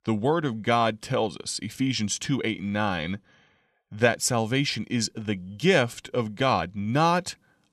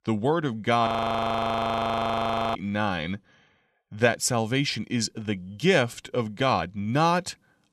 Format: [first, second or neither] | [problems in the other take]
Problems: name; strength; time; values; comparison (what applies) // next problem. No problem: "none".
first | audio freezing; at 1 s for 1.5 s